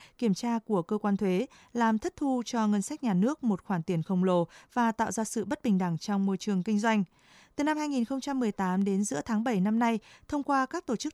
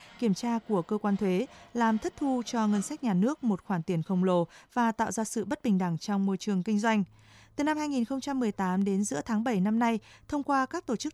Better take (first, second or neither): first